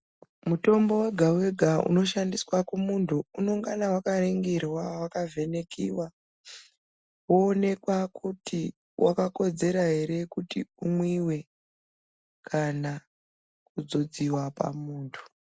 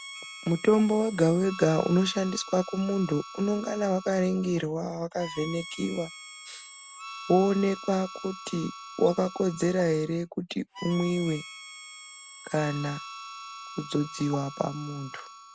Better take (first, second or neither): first